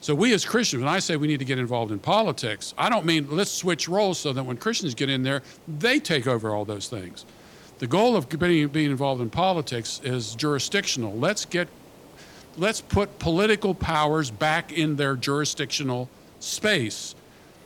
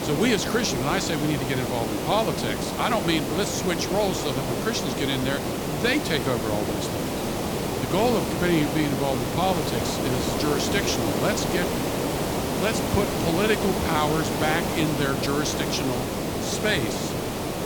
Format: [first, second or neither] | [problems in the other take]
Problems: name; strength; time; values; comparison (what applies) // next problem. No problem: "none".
first | hiss; loud; throughout; 1 dB below the speech; faint in the first